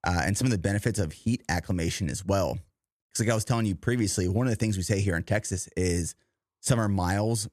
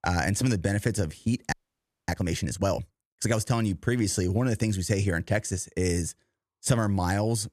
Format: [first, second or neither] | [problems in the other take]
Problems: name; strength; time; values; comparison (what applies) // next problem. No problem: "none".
first | audio freezing; at 1.5 s for 0.5 s